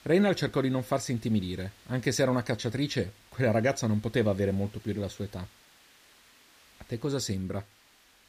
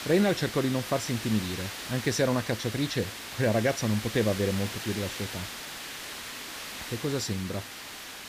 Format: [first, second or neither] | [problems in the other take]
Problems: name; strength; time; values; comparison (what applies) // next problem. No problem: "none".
first | hiss; loud; throughout; 7 dB below the speech; faint in the first